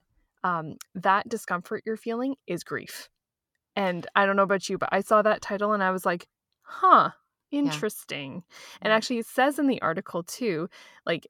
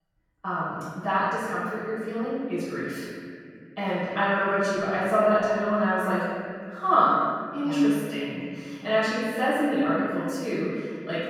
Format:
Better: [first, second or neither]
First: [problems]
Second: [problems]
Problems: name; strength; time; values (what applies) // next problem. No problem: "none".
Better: first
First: none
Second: room echo; strong; dies away in 2.5 s // off-mic speech; far